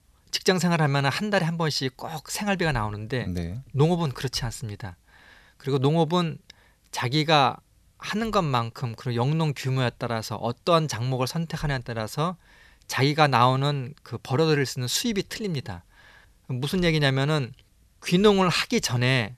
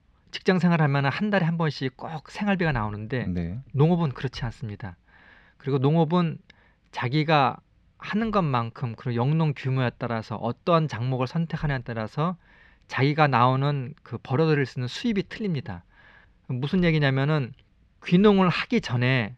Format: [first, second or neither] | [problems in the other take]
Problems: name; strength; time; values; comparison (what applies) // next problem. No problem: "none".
first | muffled; slightly; fading above 2.5 kHz